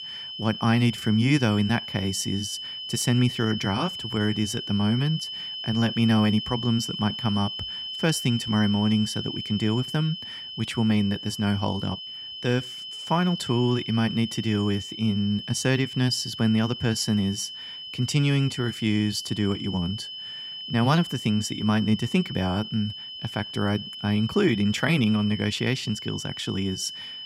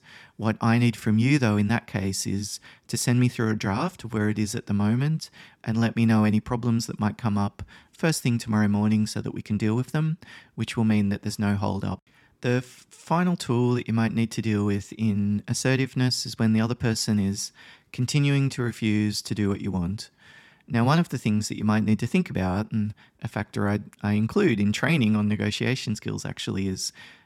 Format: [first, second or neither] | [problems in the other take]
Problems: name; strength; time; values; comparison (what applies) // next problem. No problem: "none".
second | high-pitched whine; loud; throughout; 3 kHz, 8 dB below the speech